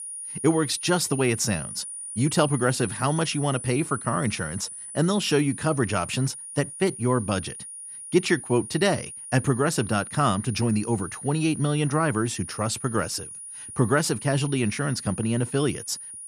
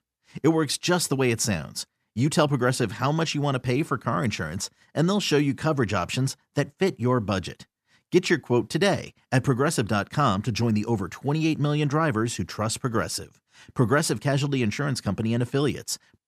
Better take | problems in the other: second | high-pitched whine; noticeable; throughout; 9.5 kHz, 10 dB below the speech

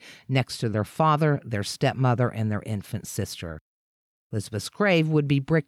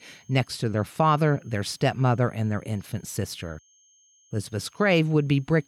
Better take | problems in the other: first | high-pitched whine; faint; throughout; 6.5 kHz, 35 dB below the speech

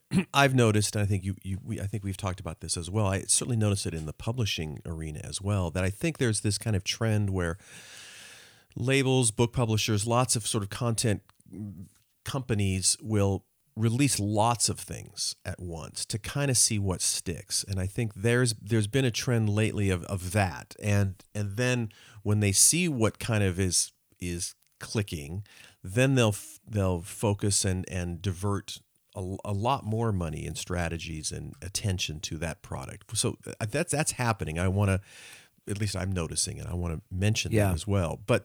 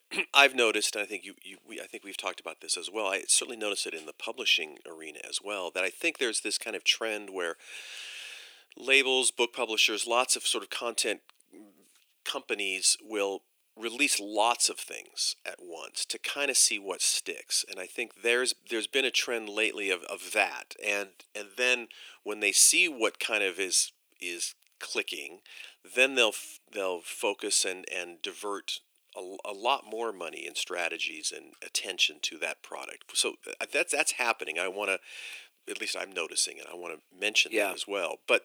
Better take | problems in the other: first | thin; very; fading below 350 Hz

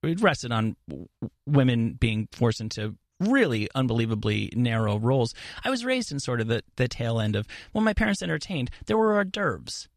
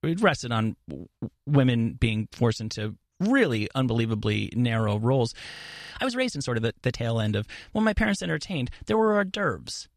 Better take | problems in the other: first | audio freezing; at 5.5 s

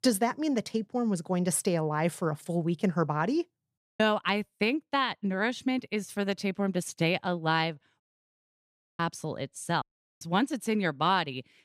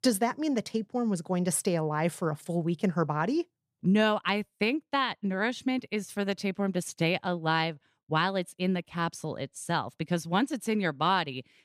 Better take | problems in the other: second | audio cutting out; at 4 s, at 8 s for 1 s and at 10 s

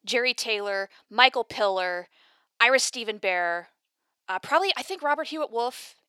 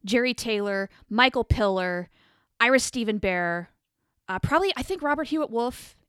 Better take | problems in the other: second | thin; very; fading below 550 Hz

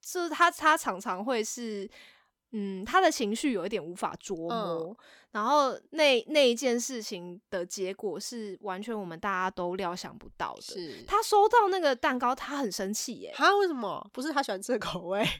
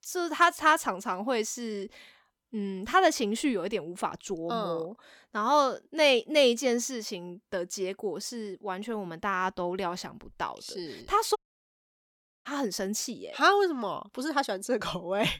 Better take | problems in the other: first | audio cutting out; at 11 s for 1 s

